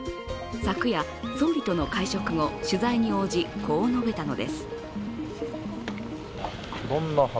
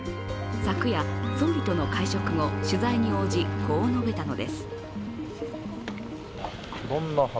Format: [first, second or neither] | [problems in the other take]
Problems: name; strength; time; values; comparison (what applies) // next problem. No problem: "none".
first | background sound (Bowed string instrument); 3 dB below the speech